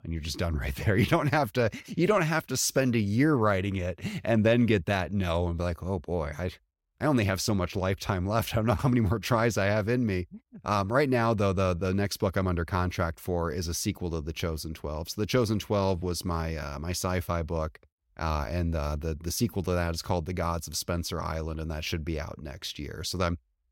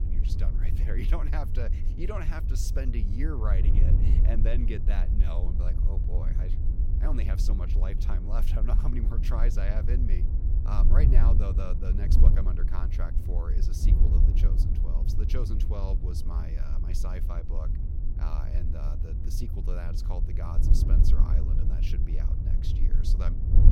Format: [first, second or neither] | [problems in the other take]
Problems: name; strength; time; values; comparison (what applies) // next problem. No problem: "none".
first | wind noise on the microphone; heavy; 3 dB below the speech